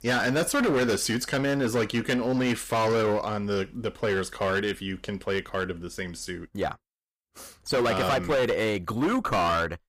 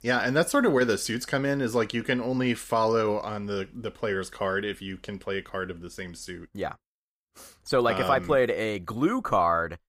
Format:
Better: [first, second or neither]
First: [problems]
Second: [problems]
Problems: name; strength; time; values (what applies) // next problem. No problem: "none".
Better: second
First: distortion; heavy; 15% of the sound clipped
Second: none